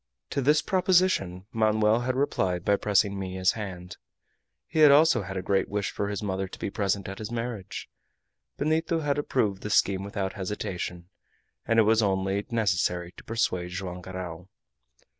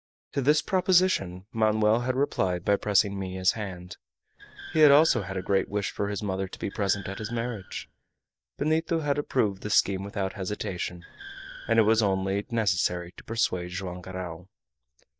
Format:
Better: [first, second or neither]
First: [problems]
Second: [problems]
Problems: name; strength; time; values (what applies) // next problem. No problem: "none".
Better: first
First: none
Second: noise reduction (neural mask model DeepFilterNet 3)